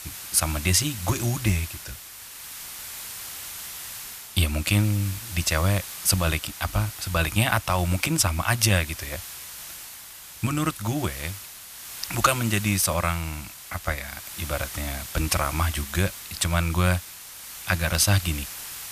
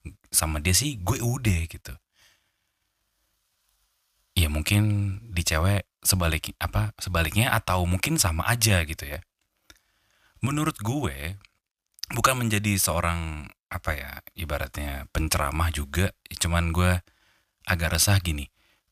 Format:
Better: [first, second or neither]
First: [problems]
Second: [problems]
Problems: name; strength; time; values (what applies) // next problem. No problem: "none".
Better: second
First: hiss; noticeable; throughout; 10 dB below the speech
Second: none